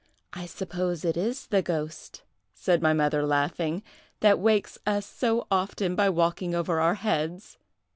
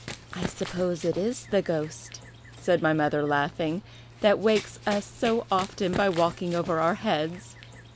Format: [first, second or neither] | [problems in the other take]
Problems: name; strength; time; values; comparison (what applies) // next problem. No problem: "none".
first | background sound (Run); 14 dB below the speech